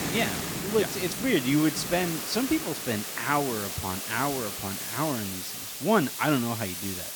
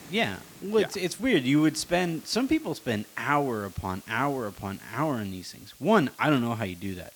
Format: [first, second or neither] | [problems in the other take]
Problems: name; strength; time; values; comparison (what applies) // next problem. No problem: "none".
second | hiss; loud; throughout; 4 dB below the speech; faint in the second